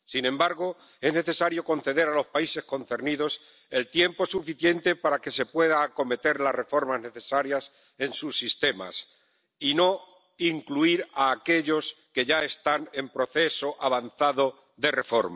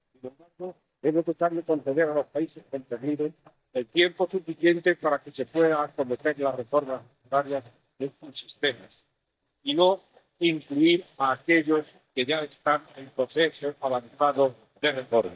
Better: first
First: none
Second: noise reduction (neural mask model DeepFilterNet 3)

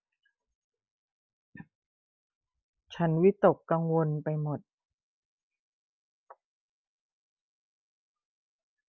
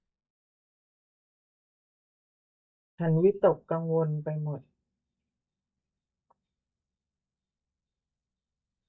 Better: first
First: none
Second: noise reduction (neural mask model DeepFilterNet 3)

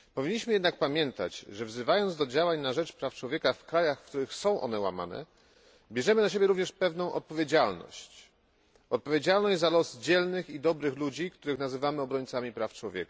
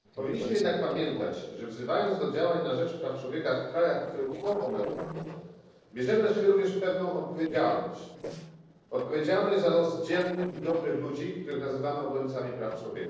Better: first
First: none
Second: noise reduction (neural separator model SepFormer DNS4)

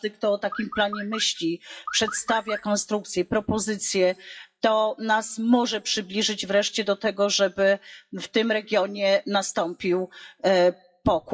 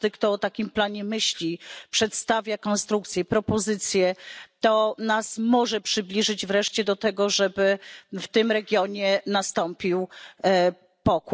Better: second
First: noise reduction (classical method WPE with log-MMSE)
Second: none

